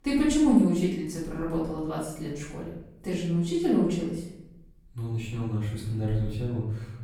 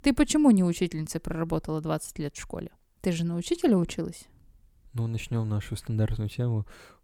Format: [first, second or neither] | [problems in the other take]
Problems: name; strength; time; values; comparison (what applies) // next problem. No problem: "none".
second | room echo; noticeable; dies away in 0.8 s // off-mic speech; far